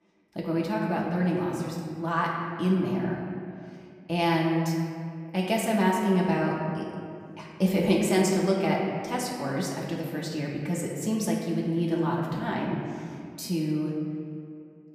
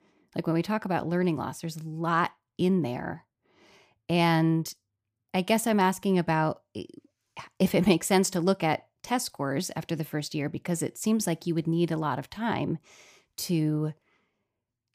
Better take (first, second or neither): second